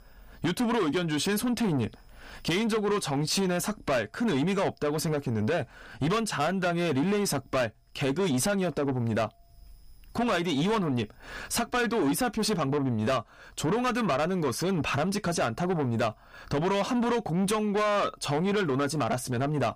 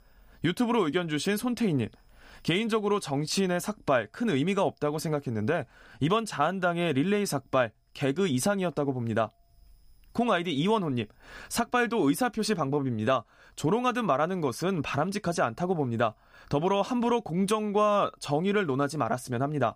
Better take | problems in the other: second | distortion; heavy; 7 dB below the speech

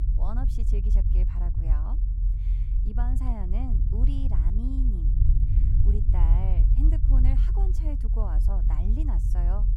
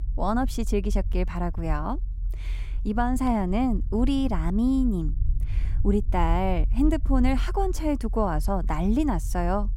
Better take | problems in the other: second | low rumble; loud; throughout; 2 dB below the speech; faint in the second

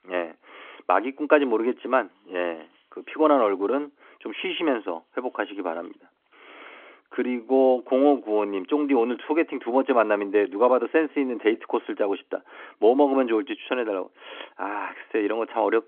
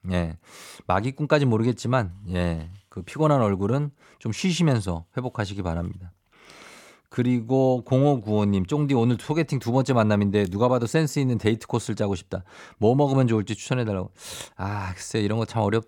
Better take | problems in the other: second | phone-call audio; nothing above 3.5 kHz

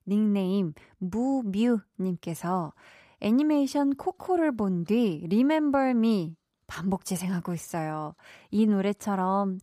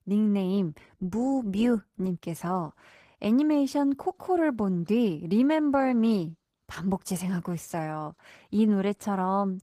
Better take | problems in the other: first | garbled, watery; slightly; nothing above 15 kHz

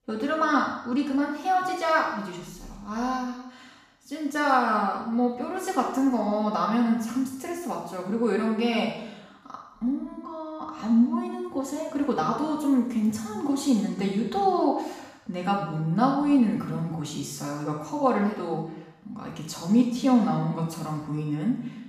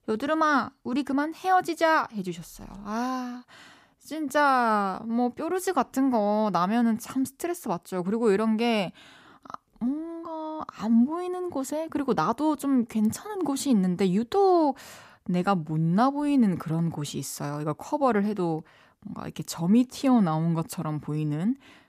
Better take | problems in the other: second | room echo; noticeable; dies away in 0.9 s // off-mic speech; far

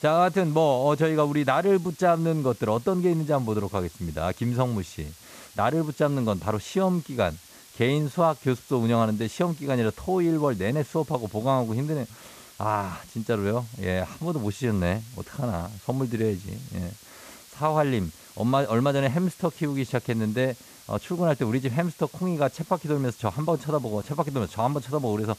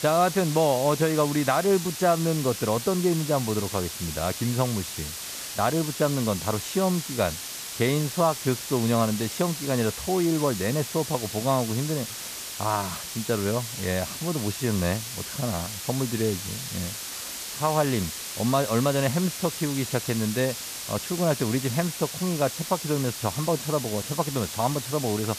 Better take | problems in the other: first | hiss; loud; throughout; 6 dB below the speech; faint in the first

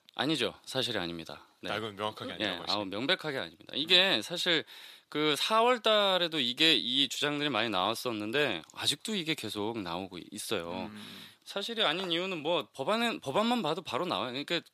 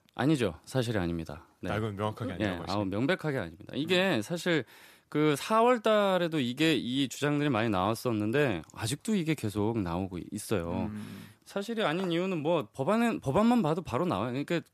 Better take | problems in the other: second | thin; very slightly; fading below 950 Hz

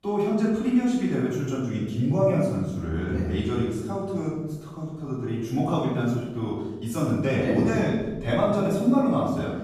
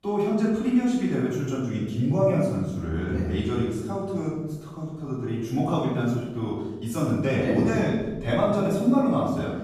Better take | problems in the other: neither | off-mic speech; far; the same in both // room echo; noticeable; dies away in 1.1 s; the same in both

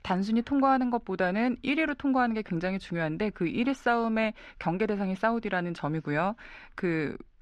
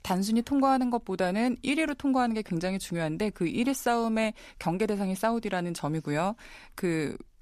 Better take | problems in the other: second | muffled; slightly; fading above 3 kHz

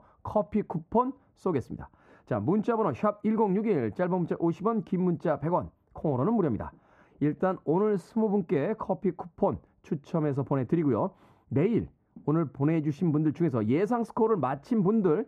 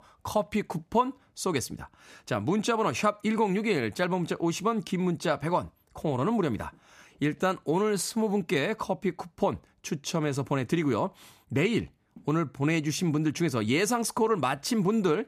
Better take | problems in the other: second | muffled; very; fading above 2 kHz

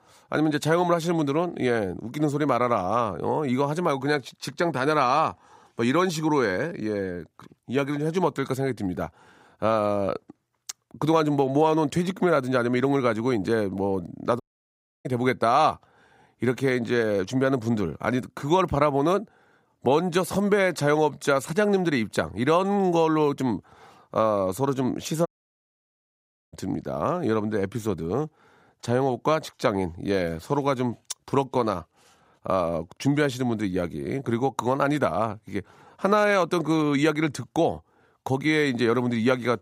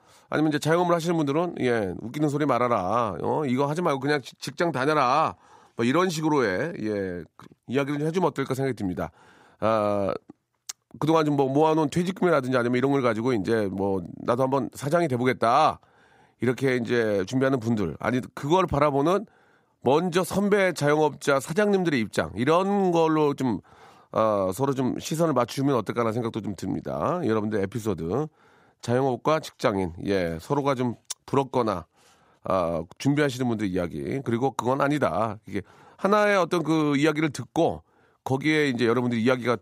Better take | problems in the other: second | audio cutting out; at 14 s for 0.5 s and at 25 s for 1.5 s

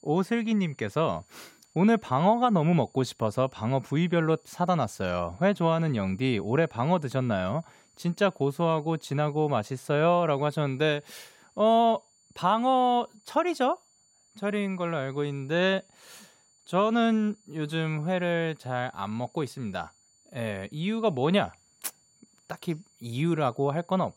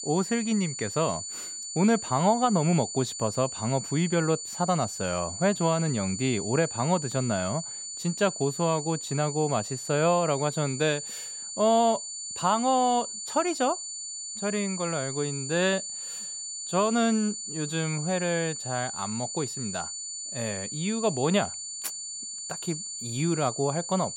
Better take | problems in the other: first | high-pitched whine; loud; throughout; 7 kHz, 6 dB below the speech; faint in the first

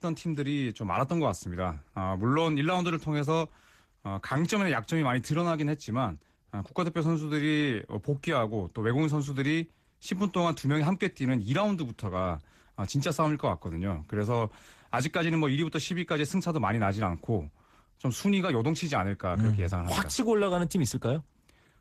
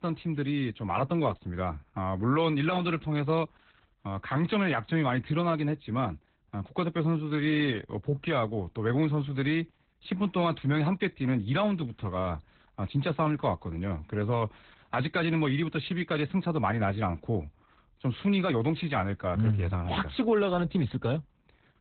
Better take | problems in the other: first | garbled, watery; badly; nothing above 4 kHz; slightly in the first

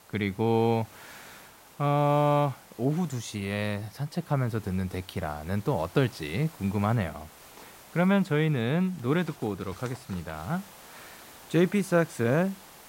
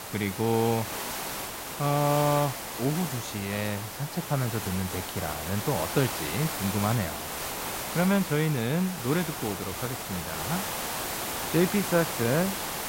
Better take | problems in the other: first | hiss; loud; throughout; 4 dB below the speech; faint in the first

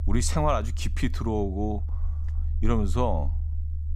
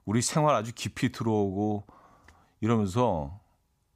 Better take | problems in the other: second | low rumble; noticeable; throughout; 20 dB below the speech

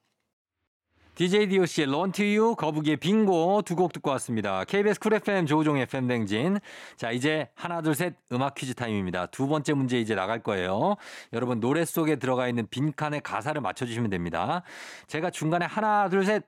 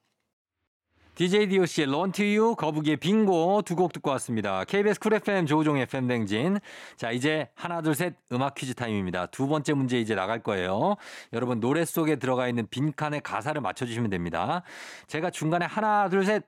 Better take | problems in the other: neither | none

